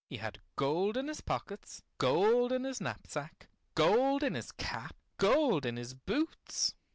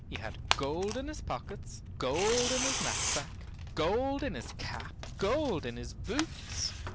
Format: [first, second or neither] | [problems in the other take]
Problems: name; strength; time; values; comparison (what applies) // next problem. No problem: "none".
first | background sound (Tearing); 2 dB below the speech